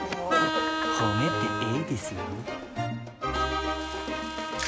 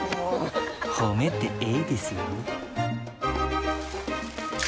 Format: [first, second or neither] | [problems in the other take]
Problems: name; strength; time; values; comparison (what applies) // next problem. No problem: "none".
second | background sound (Vehicle horn, car horn, honking); 1 dB below the speech